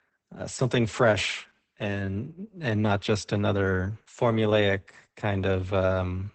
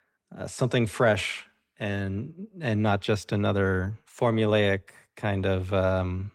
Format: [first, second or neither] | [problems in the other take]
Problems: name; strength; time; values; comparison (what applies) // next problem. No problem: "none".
second | garbled, watery; badly; nothing above 8 kHz; slightly in the second